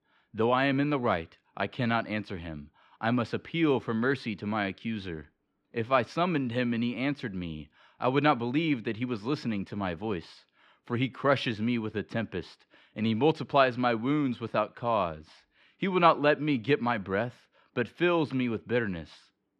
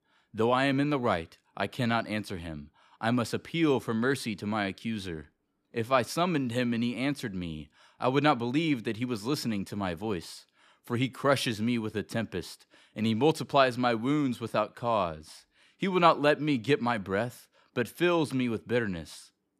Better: second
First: muffled; very slightly; fading above 3 kHz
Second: none

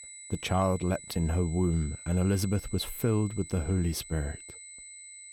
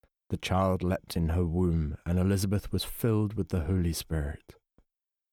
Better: second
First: high-pitched whine; noticeable; throughout; 8 kHz, 15 dB below the speech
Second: none

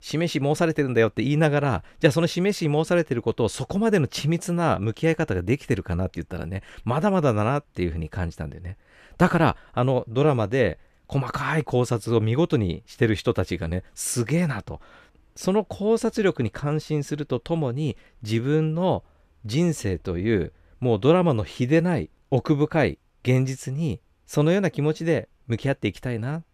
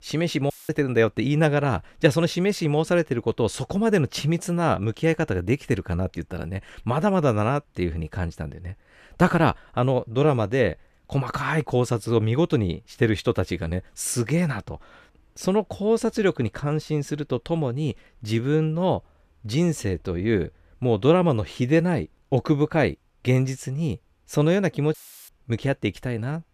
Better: first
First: none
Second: audio cutting out; filled with static; at 0.5 s and at 25 s

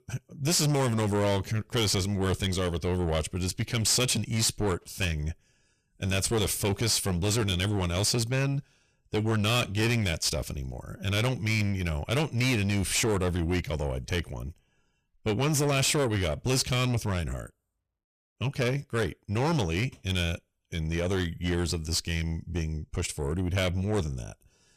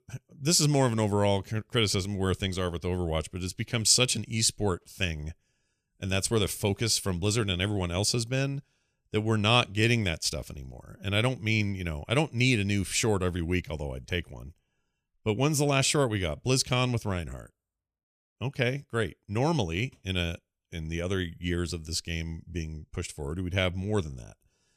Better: second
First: distortion; heavy; 6 dB below the speech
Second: none

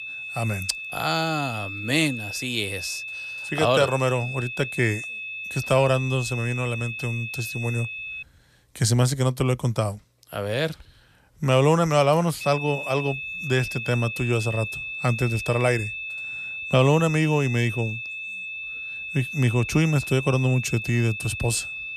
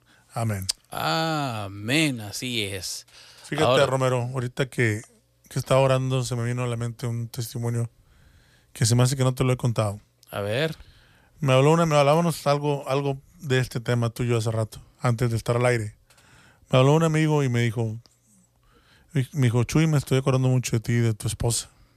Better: second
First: high-pitched whine; loud; until 8 s and from 12 s on; 2.5 kHz, 7 dB below the speech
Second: none

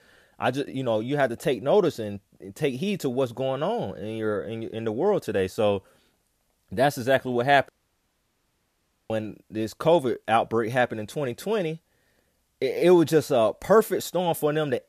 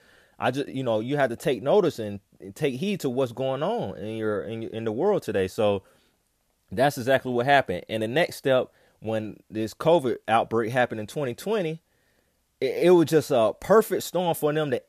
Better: second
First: audio cutting out; at 7.5 s for 1.5 s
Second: none

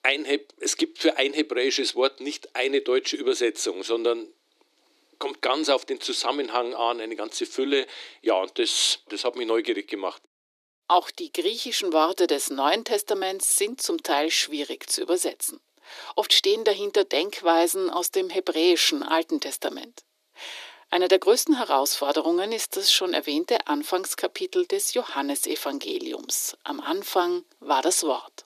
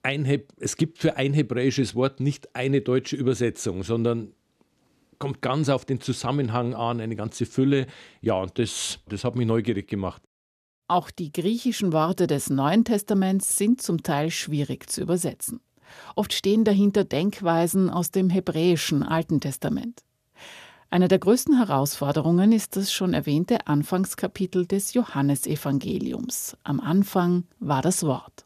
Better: second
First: thin; very; fading below 300 Hz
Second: none

